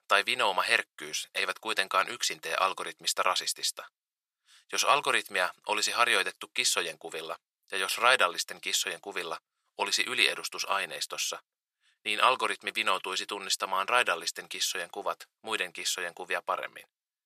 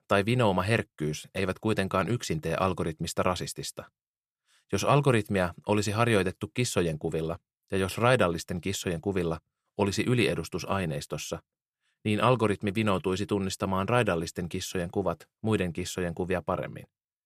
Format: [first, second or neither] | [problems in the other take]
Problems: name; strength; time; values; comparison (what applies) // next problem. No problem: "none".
second | thin; very; fading below 1 kHz